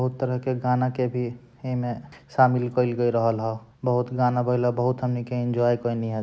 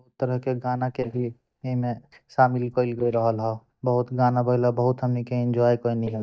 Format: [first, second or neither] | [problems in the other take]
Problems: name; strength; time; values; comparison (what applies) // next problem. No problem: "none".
first | noise reduction (neural mask model DeepFilterNet 3)